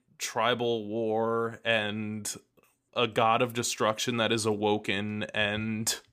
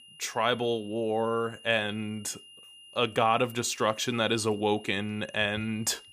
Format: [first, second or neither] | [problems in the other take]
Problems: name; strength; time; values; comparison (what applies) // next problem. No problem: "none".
first | high-pitched whine; faint; throughout; 3 kHz, 20 dB below the speech